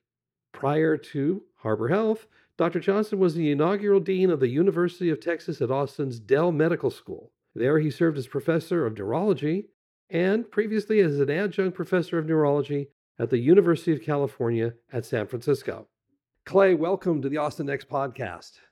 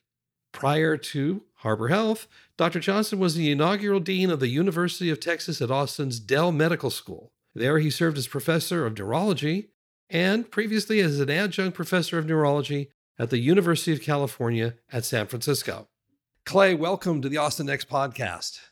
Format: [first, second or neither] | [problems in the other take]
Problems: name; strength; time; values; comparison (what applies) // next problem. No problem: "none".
second | muffled; slightly; fading above 3 kHz